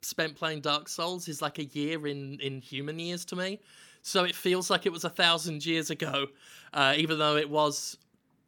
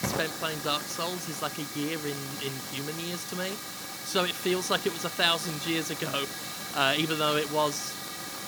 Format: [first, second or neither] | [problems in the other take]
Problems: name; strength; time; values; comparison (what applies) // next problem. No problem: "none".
first | hiss; loud; throughout; 6 dB below the speech